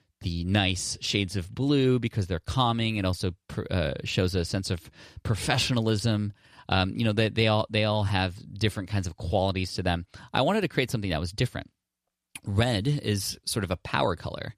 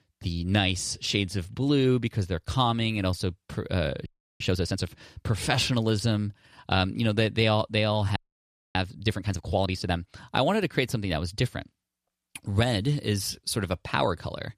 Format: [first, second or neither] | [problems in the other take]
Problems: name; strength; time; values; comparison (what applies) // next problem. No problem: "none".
first | audio freezing; at 4 s and at 8 s for 0.5 s